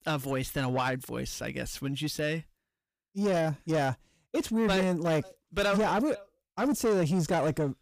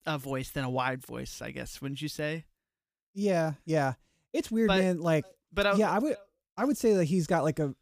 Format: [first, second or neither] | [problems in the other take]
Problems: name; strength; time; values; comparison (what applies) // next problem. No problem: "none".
second | distortion; slight; 10 dB below the speech